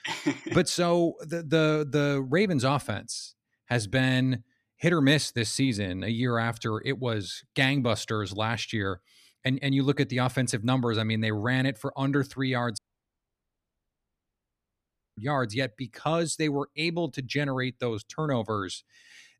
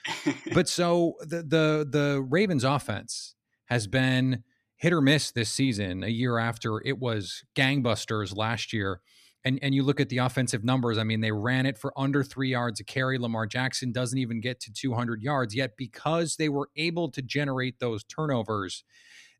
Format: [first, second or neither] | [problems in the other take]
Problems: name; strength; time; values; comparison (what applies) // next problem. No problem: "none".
second | audio cutting out; at 13 s for 2.5 s